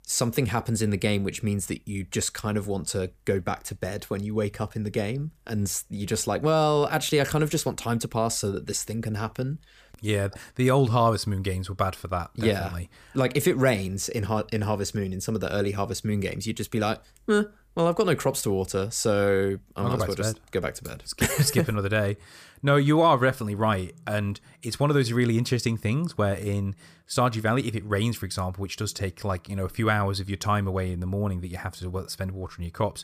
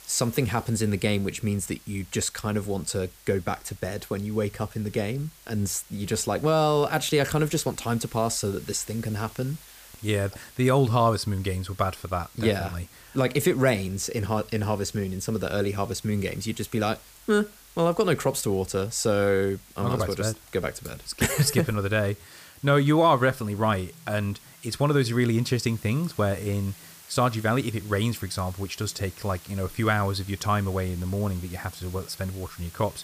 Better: first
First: none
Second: hiss; faint; throughout; 20 dB below the speech

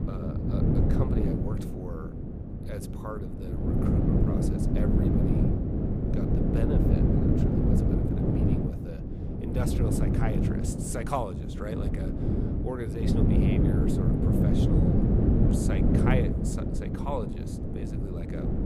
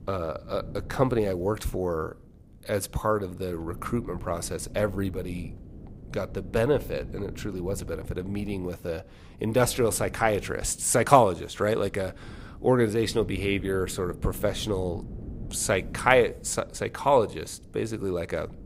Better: second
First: wind noise on the microphone; heavy; 5 dB above the speech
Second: wind noise on the microphone; occasional gusts; 25 dB below the speech

